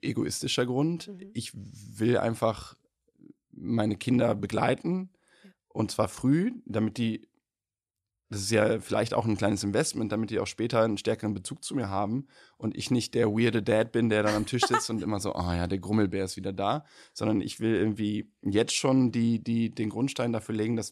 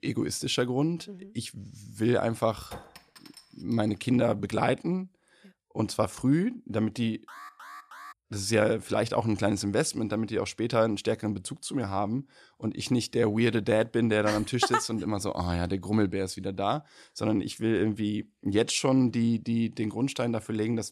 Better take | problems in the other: first | clattering dishes; faint; from 2.5 to 4 s; peak 15 dB below the speech // alarm; faint; at 7.5 s; peak 15 dB below the speech

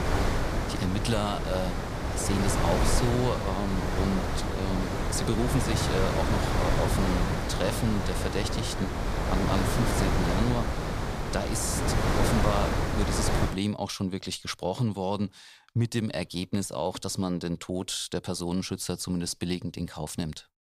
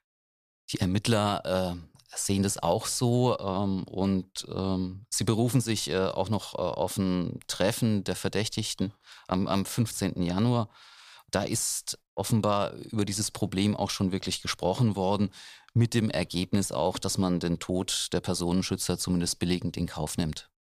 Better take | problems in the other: second | wind noise on the microphone; heavy; until 14 s; 2 dB above the speech

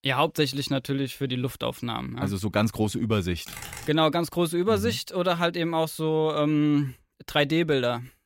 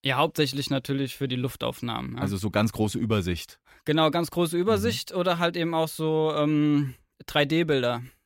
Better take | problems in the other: second | keyboard typing; faint; at 3.5 s; peak 10 dB below the speech

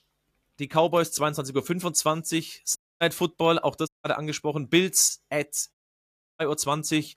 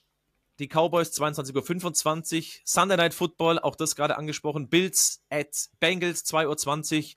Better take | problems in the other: second | audio cutting out; at 3 s, at 4 s and at 5.5 s for 0.5 s

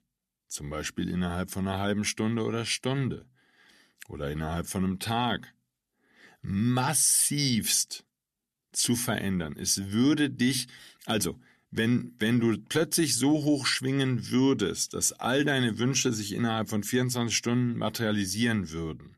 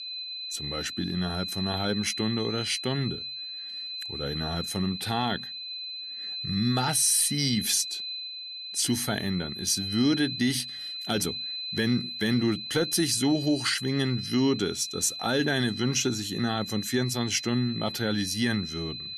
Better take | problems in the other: first | high-pitched whine; loud; throughout; 4 kHz, 6 dB below the speech

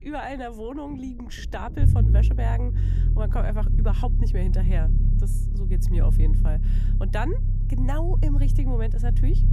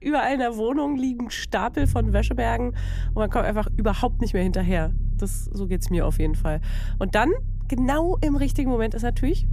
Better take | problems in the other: second | low rumble; loud; throughout; 5 dB below the speech; faint in the second

